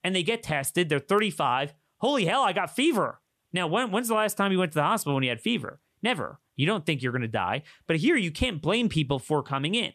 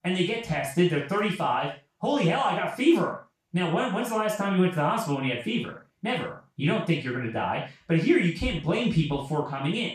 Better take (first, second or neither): first